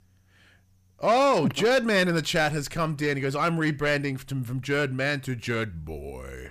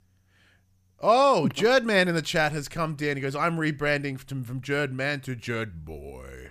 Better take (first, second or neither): second